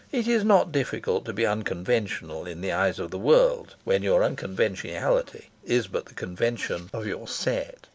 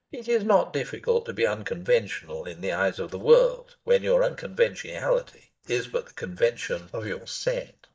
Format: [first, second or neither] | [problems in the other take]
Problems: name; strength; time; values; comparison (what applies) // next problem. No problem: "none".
first | noise reduction (neural mask model DeepFilterNet 3)